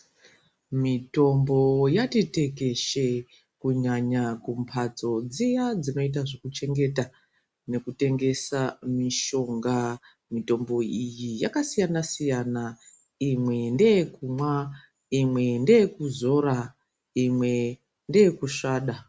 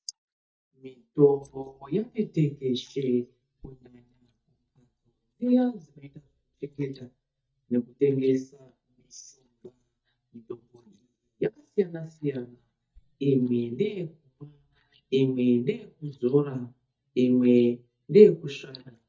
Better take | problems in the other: first | noise reduction (neural mask model DeepFilterNet 3)

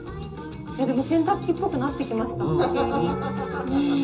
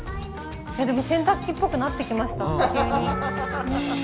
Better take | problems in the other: second | room echo; dies away in 0.2 s

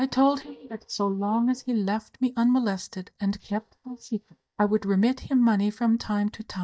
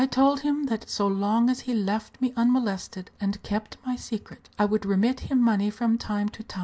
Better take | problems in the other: second | noise reduction (neural mask model DeepFilterNet 3)

